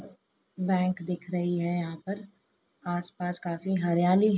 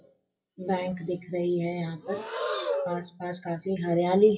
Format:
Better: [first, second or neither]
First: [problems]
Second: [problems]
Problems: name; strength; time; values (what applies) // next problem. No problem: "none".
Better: first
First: none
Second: noise reduction (classical method WPE with log-MMSE)